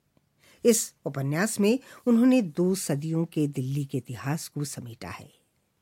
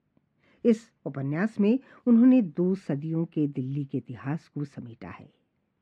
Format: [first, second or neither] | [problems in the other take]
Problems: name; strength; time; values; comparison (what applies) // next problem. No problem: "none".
first | muffled; very; fading above 2 kHz